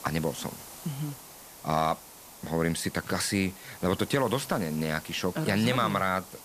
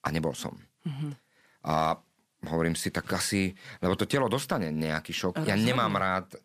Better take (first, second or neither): second